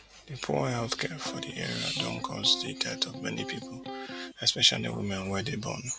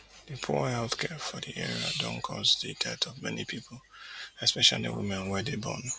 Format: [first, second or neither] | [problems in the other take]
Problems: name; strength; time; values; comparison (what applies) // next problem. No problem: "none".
second | background sound (Electric guitar); 10 dB below the speech